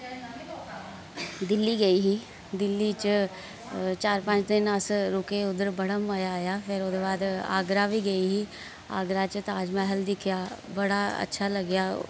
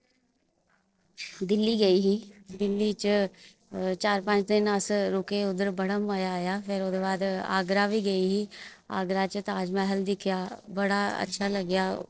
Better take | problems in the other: first | noise reduction (neural separator model SepFormer DNS4)

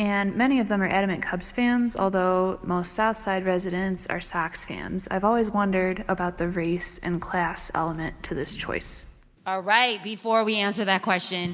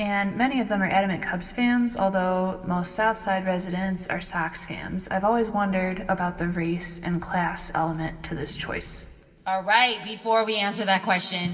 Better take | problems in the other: first | room echo; dies away in 1.9 s

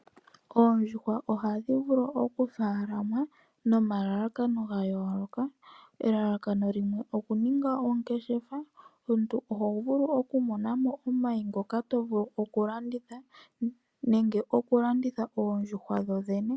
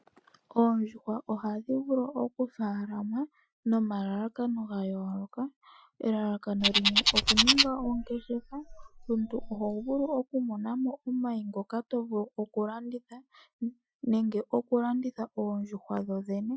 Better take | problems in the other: first | noise reduction (classical method Wiener filter)

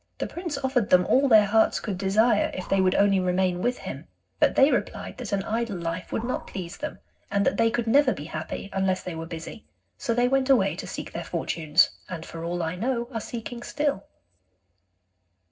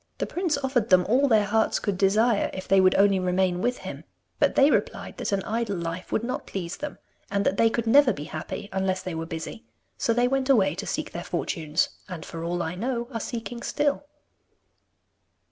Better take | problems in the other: second | noise reduction (neural separator model SepFormer DNS4)

